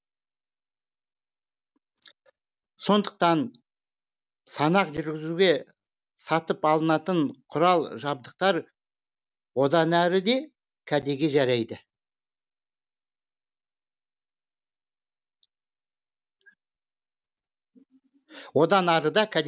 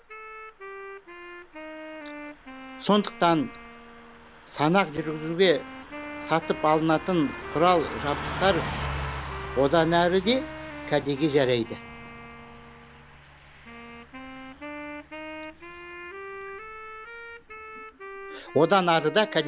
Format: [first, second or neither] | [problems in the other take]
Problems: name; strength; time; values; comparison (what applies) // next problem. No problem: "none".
first | background sound (Car passing by / Truck + Wind instrument, woodwind instrument); 11 dB below the speech